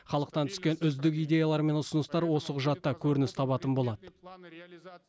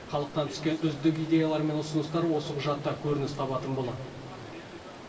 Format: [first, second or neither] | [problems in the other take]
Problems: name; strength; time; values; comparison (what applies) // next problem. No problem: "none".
first | background sound (Stream); 15 dB below the speech // room echo; dies away in 2.3 s